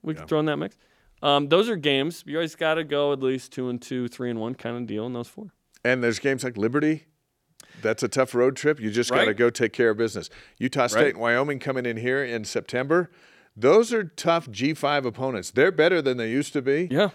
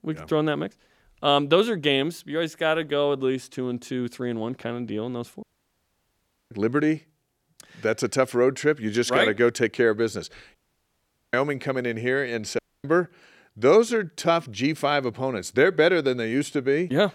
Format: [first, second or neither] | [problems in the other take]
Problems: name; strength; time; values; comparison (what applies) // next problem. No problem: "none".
first | audio cutting out; at 5.5 s for 1 s, at 11 s for 1 s and at 13 s